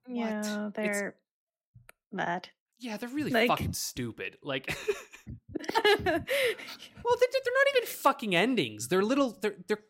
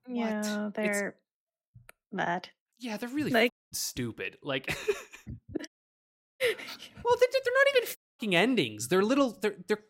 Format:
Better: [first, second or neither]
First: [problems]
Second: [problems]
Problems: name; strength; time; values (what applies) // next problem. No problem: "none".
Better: first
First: none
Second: audio cutting out; at 3.5 s, at 5.5 s for 0.5 s and at 8 s